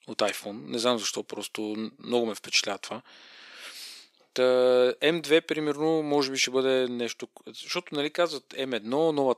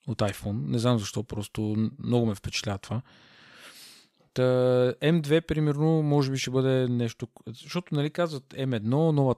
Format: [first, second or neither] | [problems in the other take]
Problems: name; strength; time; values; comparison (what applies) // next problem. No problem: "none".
second | thin; somewhat; fading below 300 Hz